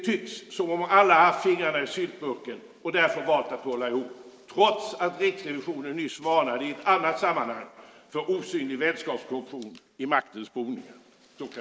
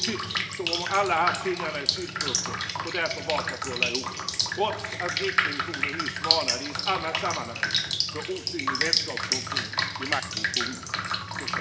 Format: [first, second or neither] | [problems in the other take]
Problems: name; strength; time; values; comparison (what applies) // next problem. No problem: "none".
first | background sound (Drip); 3 dB above the speech